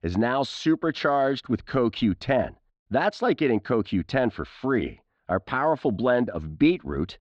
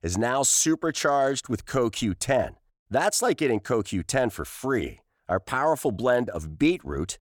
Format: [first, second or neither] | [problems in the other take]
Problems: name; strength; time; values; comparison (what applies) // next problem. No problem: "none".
second | muffled; very; fading above 4 kHz